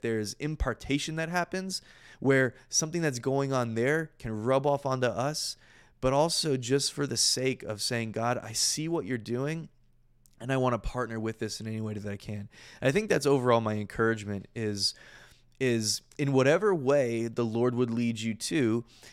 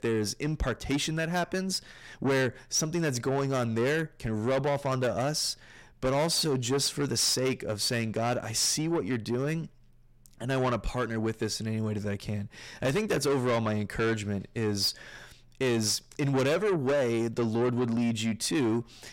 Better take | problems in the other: first | distortion; heavy; 8 dB below the speech

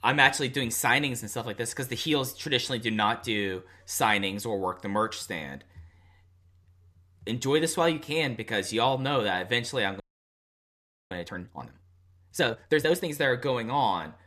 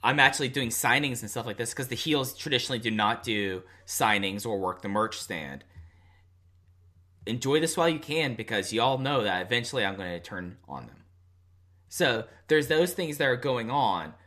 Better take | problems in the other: second | audio freezing; at 10 s for 1 s

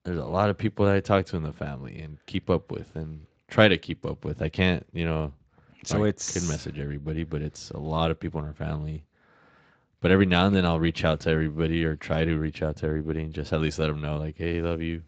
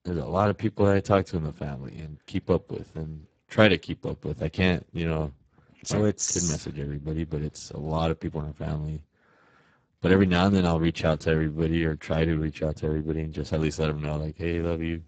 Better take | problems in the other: first | garbled, watery; badly; nothing above 7.5 kHz; slightly in the first

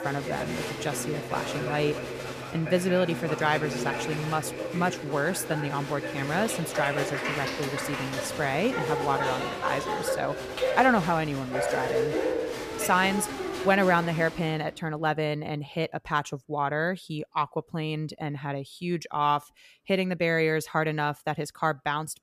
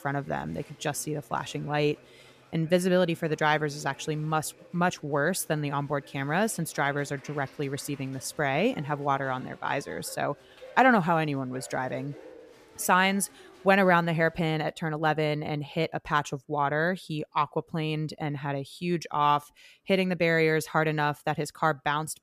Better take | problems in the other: second | crowd noise; loud; until 14 s; 3 dB below the speech; faint in the second

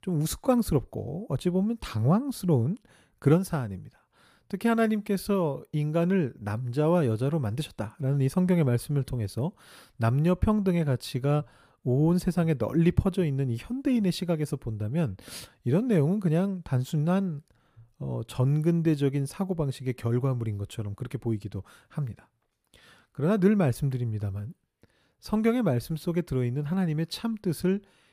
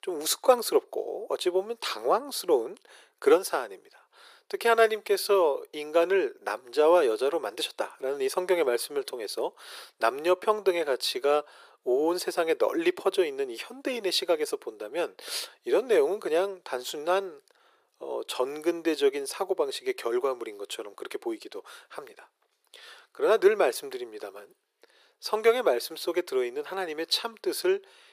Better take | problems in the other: first | thin; very; fading below 400 Hz

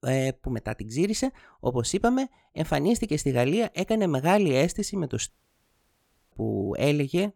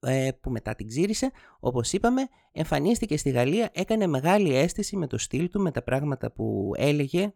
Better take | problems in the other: second | audio cutting out; at 5.5 s for 1 s

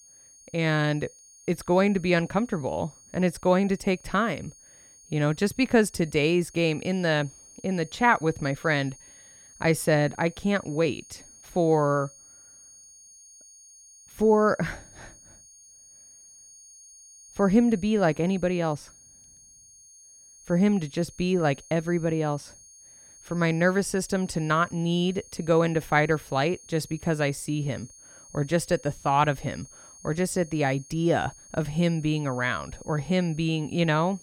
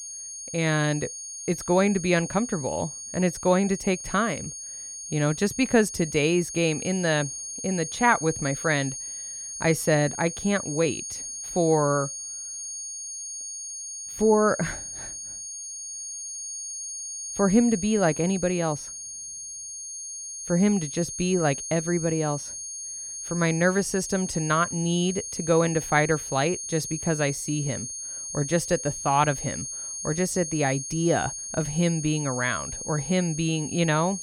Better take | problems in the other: first | high-pitched whine; loud; throughout; 6.5 kHz, 7 dB below the speech; faint in the first

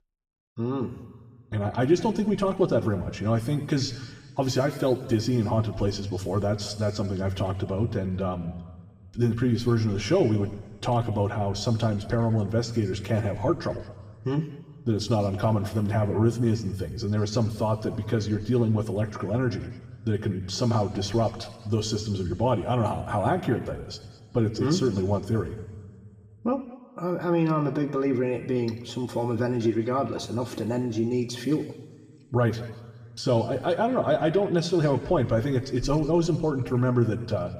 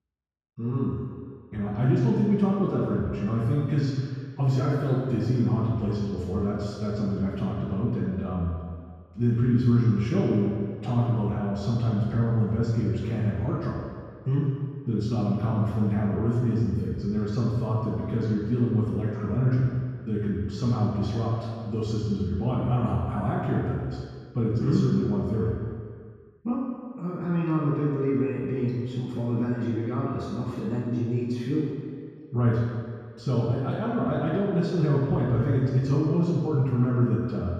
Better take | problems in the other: first | room echo; strong; dies away in 2 s; slight in the first // off-mic speech; far; somewhat distant in the first

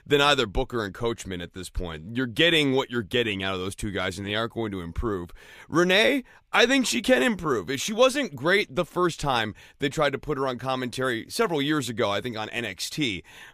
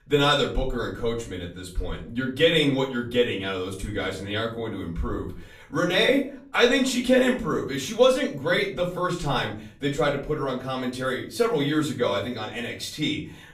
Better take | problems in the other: first | off-mic speech; far // room echo; slight; dies away in 0.4 s

